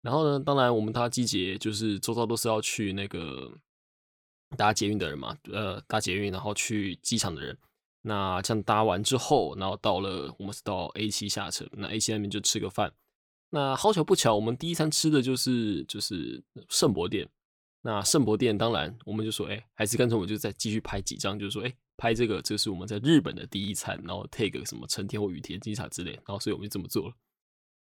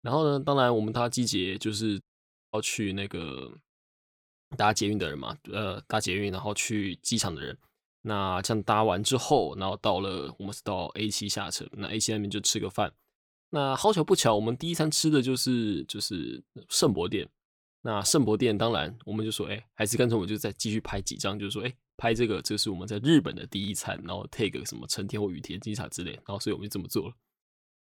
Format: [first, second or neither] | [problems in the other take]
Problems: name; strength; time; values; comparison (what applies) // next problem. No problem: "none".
first | audio cutting out; at 2 s for 0.5 s